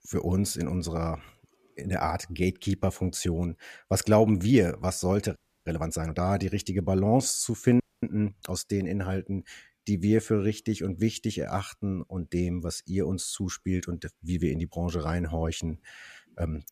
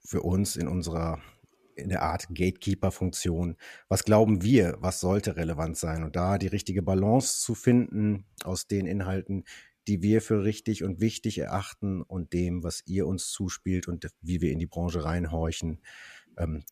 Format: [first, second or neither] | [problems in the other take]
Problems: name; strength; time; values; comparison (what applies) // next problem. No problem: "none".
second | audio freezing; at 5.5 s and at 8 s